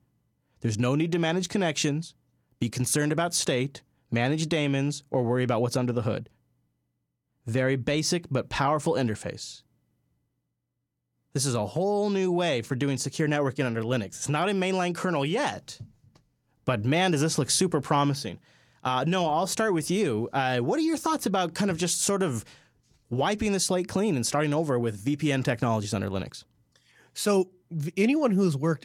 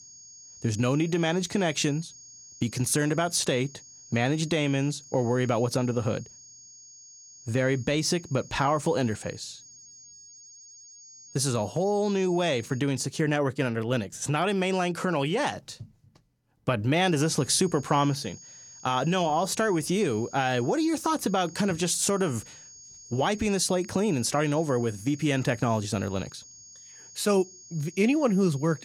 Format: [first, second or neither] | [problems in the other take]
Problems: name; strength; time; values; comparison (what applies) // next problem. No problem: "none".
first | high-pitched whine; noticeable; until 13 s and from 17 s on; 6.5 kHz, 20 dB below the speech